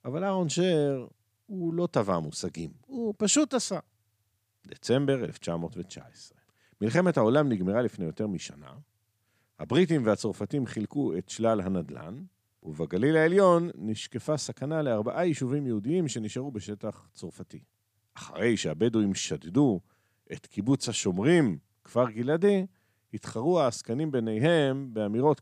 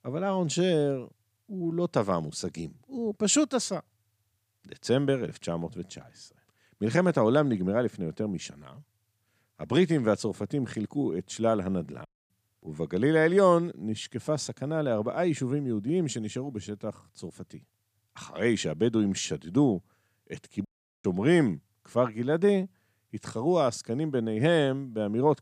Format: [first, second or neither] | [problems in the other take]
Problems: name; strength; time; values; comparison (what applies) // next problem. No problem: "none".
first | audio cutting out; at 12 s and at 21 s